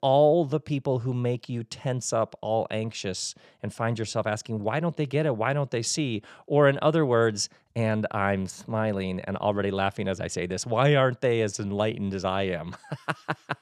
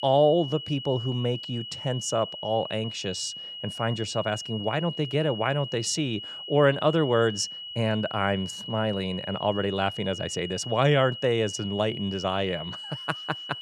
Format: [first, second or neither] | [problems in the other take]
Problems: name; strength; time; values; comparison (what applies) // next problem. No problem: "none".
first | high-pitched whine; loud; throughout; 3 kHz, 9 dB below the speech